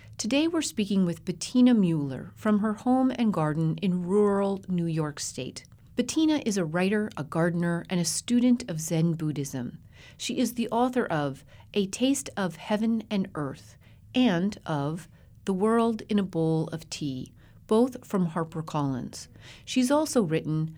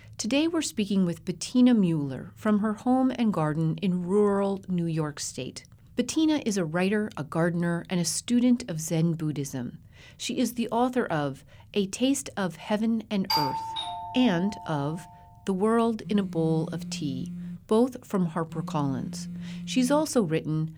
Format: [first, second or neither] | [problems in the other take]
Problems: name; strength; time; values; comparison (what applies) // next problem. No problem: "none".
first | doorbell; loud; from 13 to 15 s; peak 1 dB above the speech // phone ringing; noticeable; from 16 to 20 s; peak 10 dB below the speech